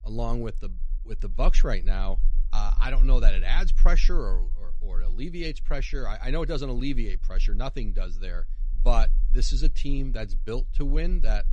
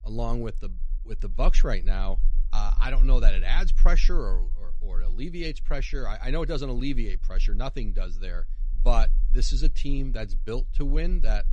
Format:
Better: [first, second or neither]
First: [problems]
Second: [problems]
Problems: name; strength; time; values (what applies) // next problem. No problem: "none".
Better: neither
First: low rumble; faint; throughout; 25 dB below the speech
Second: low rumble; faint; throughout; 25 dB below the speech